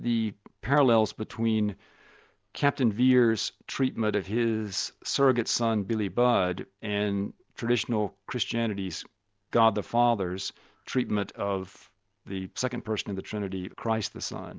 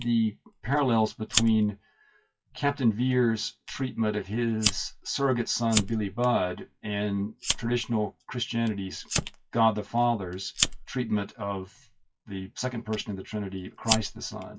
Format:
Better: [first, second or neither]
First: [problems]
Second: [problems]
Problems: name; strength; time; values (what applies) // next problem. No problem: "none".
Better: first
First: none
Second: noise reduction (classical method WPE with log-MMSE)